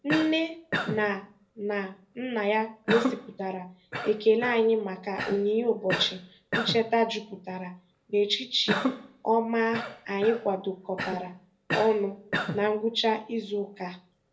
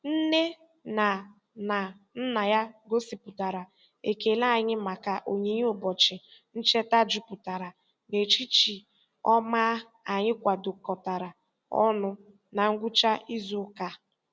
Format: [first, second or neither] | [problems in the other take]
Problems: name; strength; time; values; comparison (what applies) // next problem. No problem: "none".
second | background sound (Cough); 7 dB below the speech // room echo; dies away in 0.3 s